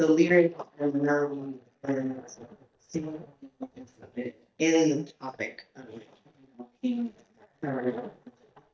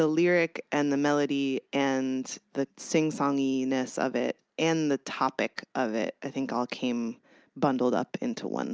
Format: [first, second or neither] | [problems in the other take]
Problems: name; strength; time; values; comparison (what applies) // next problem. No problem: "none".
second | noise reduction (neural mask model DeepFilterNet 3)